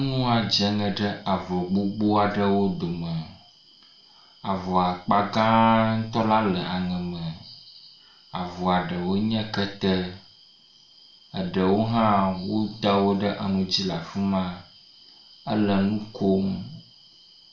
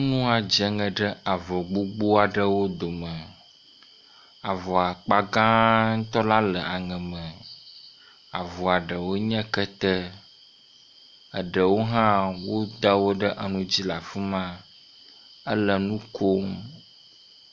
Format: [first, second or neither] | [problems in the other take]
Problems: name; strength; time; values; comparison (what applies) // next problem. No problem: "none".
second | room echo; dies away in 0.4 s